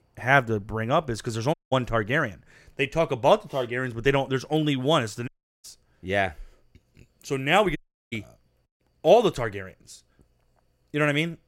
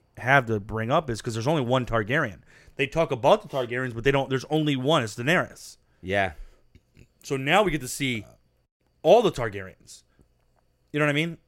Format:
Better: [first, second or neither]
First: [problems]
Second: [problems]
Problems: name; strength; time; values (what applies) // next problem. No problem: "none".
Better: second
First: audio cutting out; at 1.5 s, at 5.5 s and at 8 s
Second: none